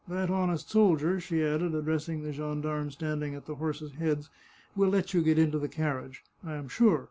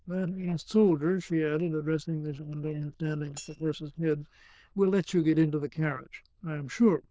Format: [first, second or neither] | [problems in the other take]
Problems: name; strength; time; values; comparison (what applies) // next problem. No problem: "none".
first | noise reduction (neural diffusion model UNIVERSE++)